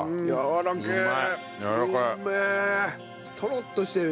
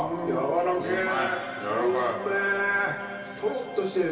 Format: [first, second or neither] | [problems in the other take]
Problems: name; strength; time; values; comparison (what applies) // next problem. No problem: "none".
first | room echo; dies away in 2.5 s